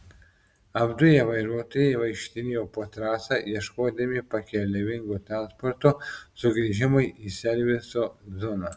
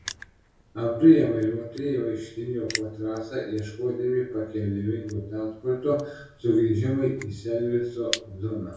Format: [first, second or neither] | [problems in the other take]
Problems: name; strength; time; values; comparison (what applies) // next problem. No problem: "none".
first | background sound (Crushing); 16 dB below the speech // room echo; dies away in 0.6 s